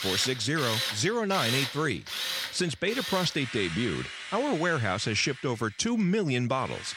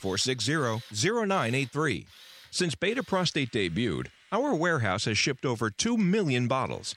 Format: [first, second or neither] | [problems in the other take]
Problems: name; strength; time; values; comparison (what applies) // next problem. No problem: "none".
second | machinery noise; loud; throughout; 5 dB below the speech; faint in the second